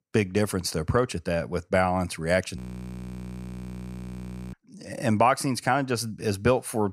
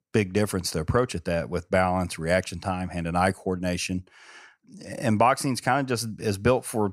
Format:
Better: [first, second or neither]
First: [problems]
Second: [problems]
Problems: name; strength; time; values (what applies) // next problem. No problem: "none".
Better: second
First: audio freezing; at 2.5 s for 2 s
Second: none